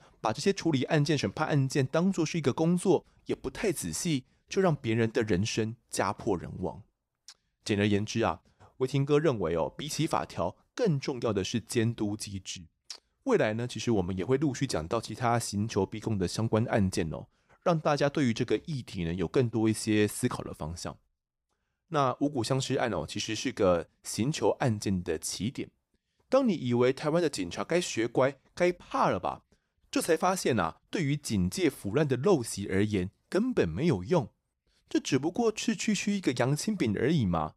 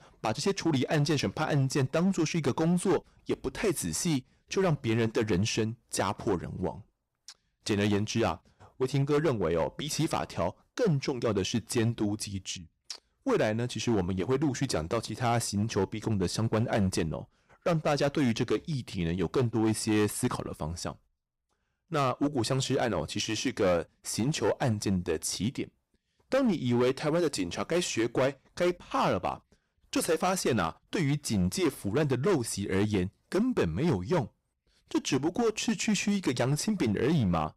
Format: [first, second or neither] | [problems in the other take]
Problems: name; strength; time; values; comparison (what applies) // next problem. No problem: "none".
first | distortion; slight; 8% of the sound clipped